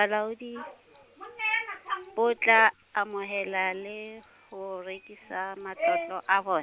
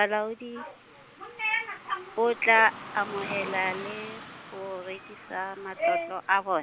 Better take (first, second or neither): first